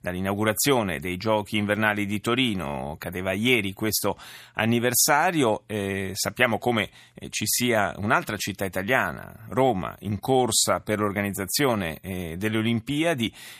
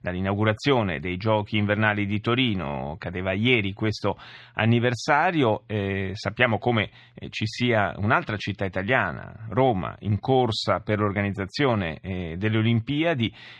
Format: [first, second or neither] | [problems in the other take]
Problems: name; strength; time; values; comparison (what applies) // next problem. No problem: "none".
first | muffled; slightly; fading above 4 kHz